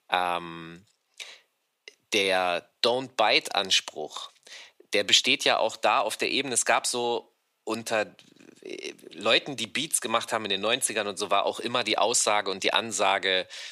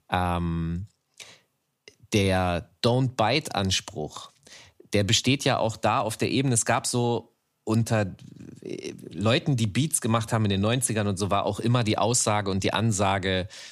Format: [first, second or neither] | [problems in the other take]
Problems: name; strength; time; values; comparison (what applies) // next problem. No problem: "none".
second | thin; very; fading below 450 Hz